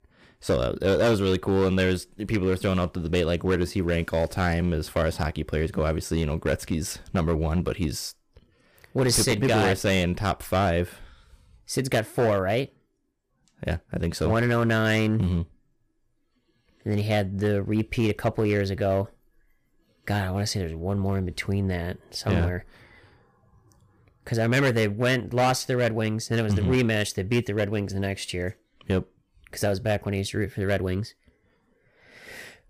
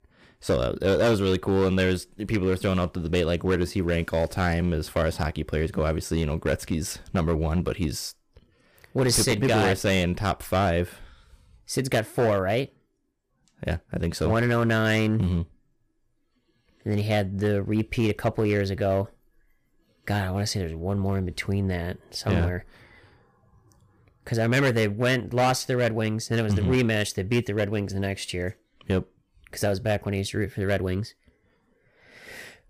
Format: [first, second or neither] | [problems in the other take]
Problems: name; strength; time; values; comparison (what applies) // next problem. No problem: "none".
neither | distortion; slight; 5% of the sound clipped; the same in both